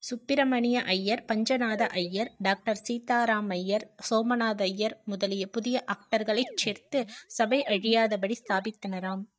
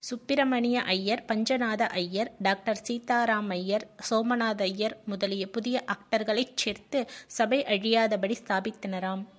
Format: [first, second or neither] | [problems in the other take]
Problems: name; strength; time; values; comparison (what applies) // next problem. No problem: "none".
second | noise reduction (neural mask model DeepFilterNet 3)